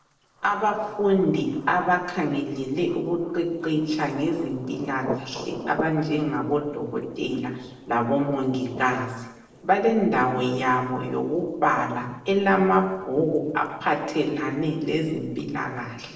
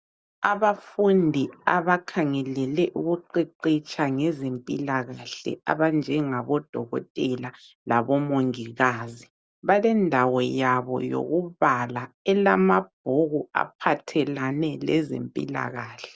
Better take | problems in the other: second | noise reduction (neural separator model SepFormer DNS4)

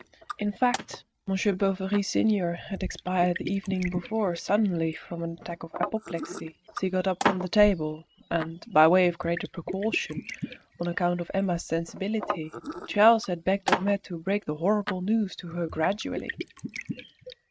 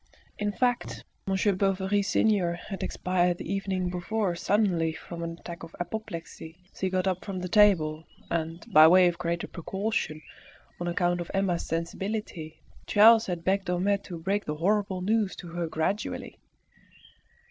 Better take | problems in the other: second | noise reduction (neural mask model RNNoise)

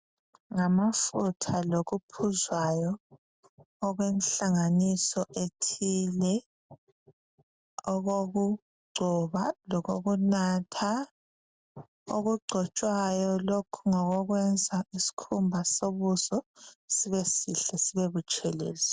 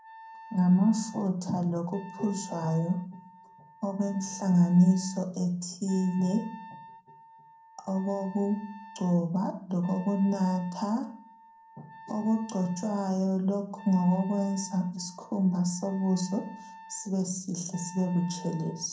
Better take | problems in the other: first | background sound (Wind instrument, woodwind instrument); 19 dB below the speech // room echo; dies away in 0.6 s

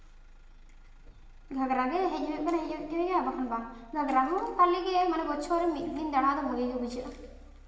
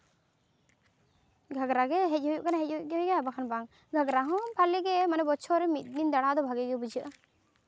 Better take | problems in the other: second | background sound (Motor vehicle (road)); 20 dB below the speech // room echo; dies away in 1.3 s

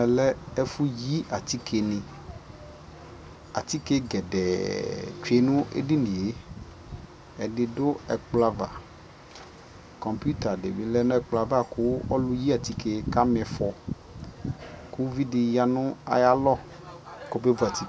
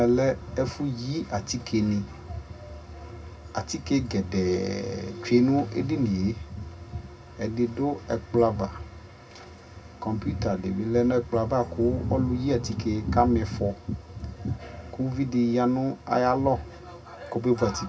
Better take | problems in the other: first | background sound (Bowed string instrument); 11 dB below the speech // room echo; dies away in 0.2 s

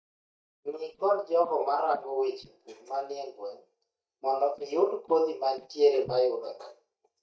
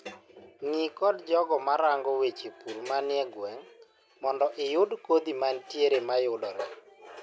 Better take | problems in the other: second | noise reduction (neural mask model DeepFilterNet 3)

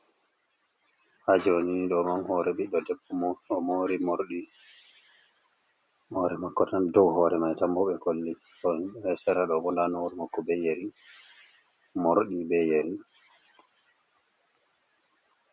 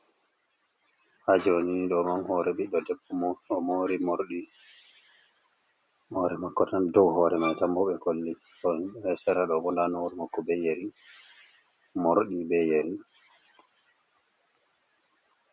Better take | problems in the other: first | background sound (Bowed string instrument); 9 dB below the speech

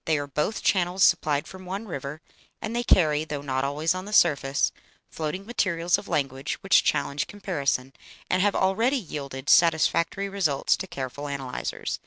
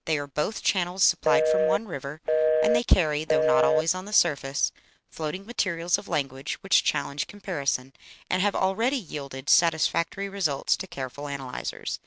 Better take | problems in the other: first | background sound (Telephone); 3 dB above the speech

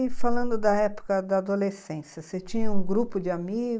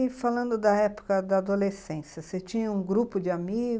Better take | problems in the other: second | noise reduction (neural mask model Resemble Enhance denoiser)

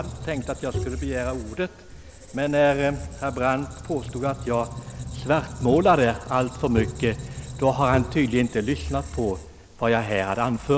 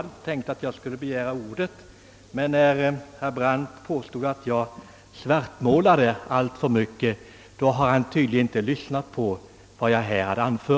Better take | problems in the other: second | background sound (Bowed string instrument + Squeak); 10 dB below the speech

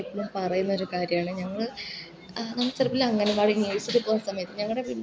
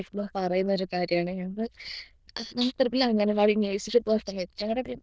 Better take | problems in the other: first | noise reduction (neural diffusion model UNIVERSE++)

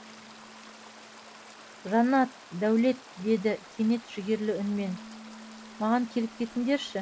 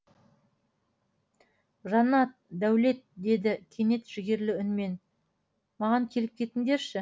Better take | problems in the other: second | background sound (Bass guitar + Stream); 18 dB below the speech

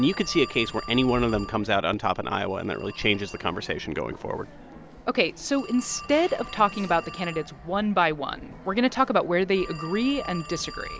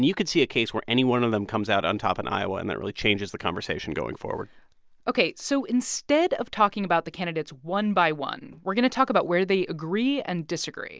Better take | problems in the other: second | background sound (Telephone); 15 dB below the speech

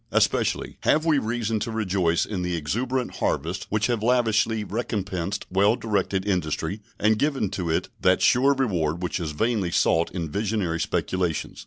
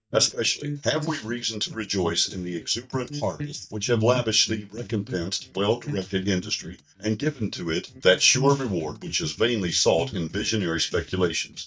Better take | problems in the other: first | noise reduction (neural mask model DeepFilterNet 3)

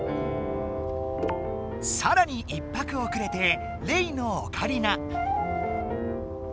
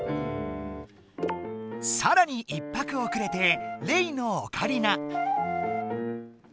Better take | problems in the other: second | background sound (Train); 6 dB below the speech

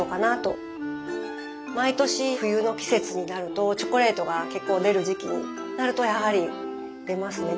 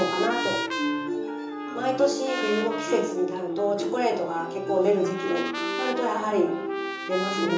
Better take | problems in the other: first | background sound (Trumpet); 8 dB below the speech // room echo; dies away in 0.6 s

